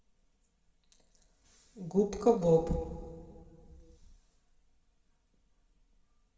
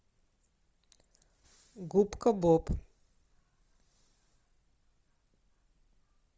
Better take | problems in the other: second | room echo; dies away in 1.7 s

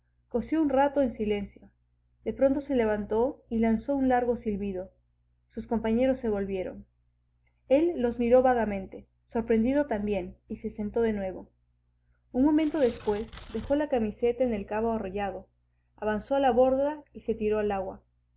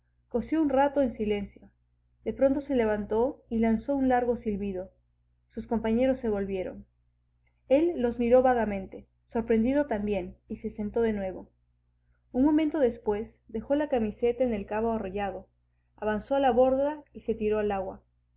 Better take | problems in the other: second | background sound (Tearing); 18 dB below the speech

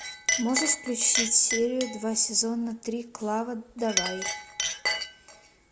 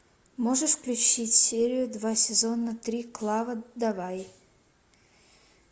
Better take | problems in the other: second | background sound (Chink, clink); 4 dB below the speech

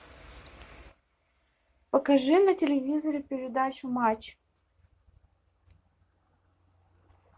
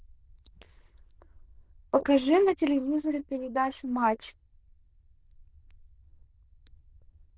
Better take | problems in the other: first | noise reduction (neural diffusion model UNIVERSE++)

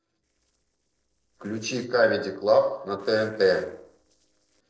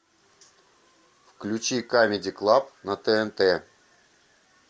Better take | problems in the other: second | noise reduction (neural separator model SepFormer DNS4)

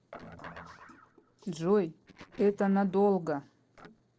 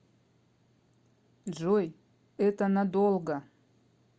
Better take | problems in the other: second | noise reduction (neural separator model SepFormer DNS4)

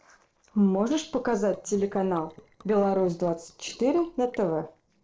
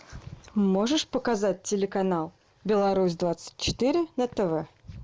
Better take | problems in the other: second | noise reduction (neural separator model SepFormer DNS4)

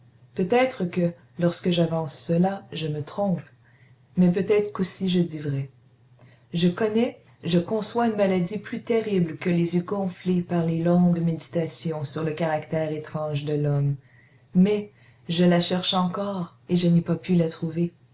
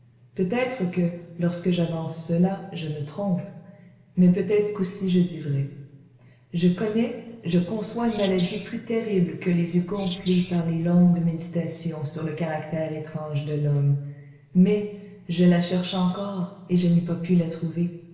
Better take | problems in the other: first | background sound (Wild animals); 18 dB below the speech // room echo; dies away in 1.3 s

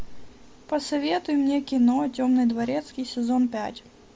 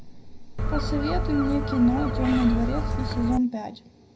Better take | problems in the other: first | background sound (Gull, seagull); as loud as the speech // room echo; dies away in 0.4 s

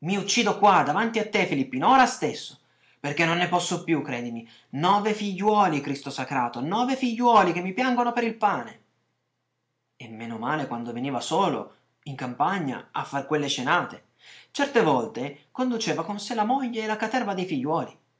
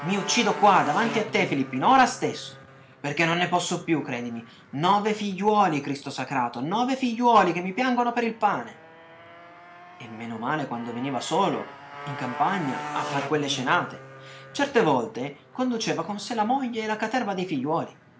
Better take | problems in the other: first | background sound (Motorcycle); 15 dB below the speech

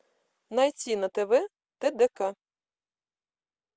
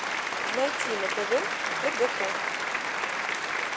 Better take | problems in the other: first | background sound (Applause); 4 dB above the speech

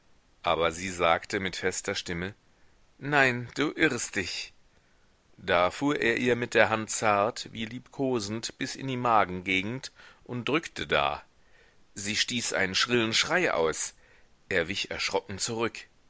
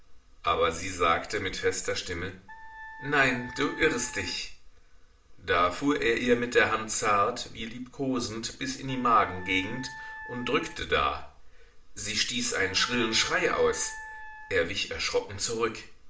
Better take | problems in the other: first | background sound (Wind instrument, woodwind instrument); 15 dB below the speech // room echo; dies away in 0.4 s

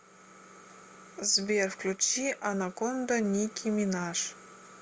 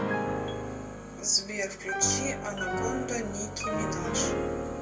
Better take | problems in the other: first | background sound (Piano); 1 dB above the speech // room echo; dies away in 0.2 s

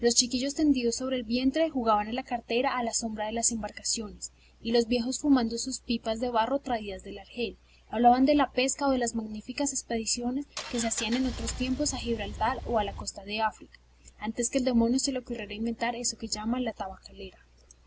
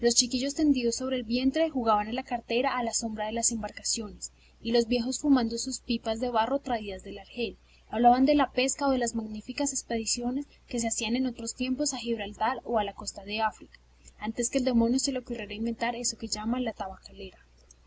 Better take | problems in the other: second | background sound (Engine); 10 dB below the speech

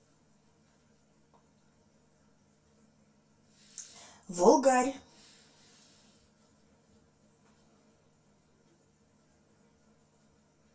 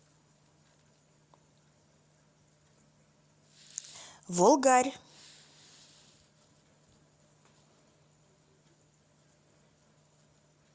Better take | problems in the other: second | room echo; dies away in 0.2 s

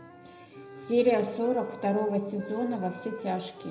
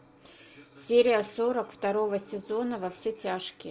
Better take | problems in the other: second | background sound (Wind instrument, woodwind instrument); 16 dB below the speech // room echo; dies away in 0.8 s

